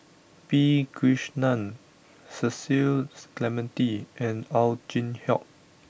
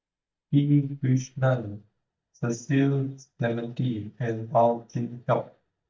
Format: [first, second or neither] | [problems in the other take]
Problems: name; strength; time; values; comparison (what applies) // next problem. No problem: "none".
first | noise reduction (neural mask model DeepFilterNet 3)